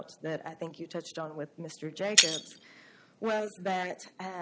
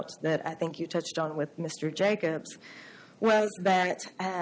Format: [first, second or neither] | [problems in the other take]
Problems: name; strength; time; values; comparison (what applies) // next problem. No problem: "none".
second | background sound (Shatter); 5 dB above the speech